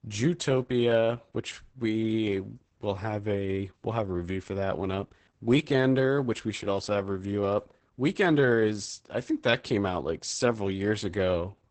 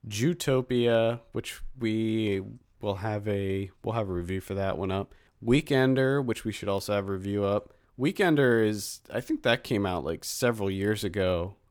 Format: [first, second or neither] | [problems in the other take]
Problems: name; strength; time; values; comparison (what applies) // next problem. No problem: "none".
second | garbled, watery; badly; nothing above 8 kHz